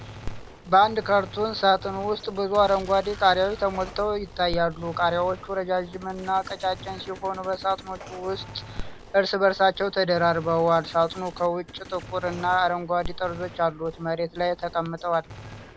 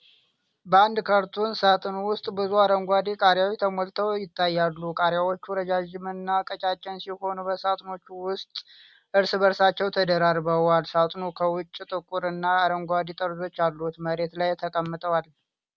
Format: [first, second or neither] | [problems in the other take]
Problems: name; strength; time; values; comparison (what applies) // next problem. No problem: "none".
second | background sound (Gunshot, gunfire + Telephone); 15 dB below the speech